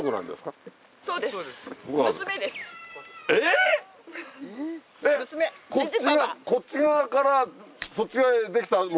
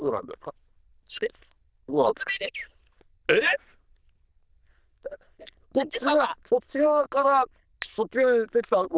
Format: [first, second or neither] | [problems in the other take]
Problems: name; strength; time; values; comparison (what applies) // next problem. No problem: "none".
first | noise reduction (neural diffusion model UNIVERSE++)